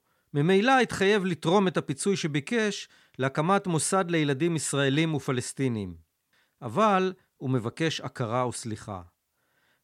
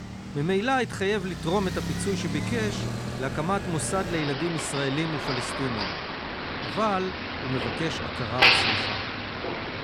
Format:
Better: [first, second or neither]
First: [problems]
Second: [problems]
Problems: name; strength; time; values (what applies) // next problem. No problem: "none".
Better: first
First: none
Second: traffic noise; very loud; throughout; 1 dB above the speech